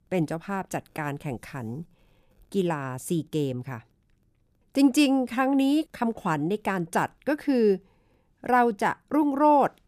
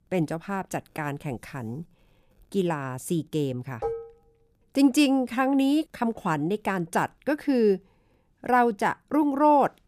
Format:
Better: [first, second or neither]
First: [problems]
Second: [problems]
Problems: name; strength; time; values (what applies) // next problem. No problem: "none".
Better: first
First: none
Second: clattering dishes; noticeable; at 4 s; peak 7 dB below the speech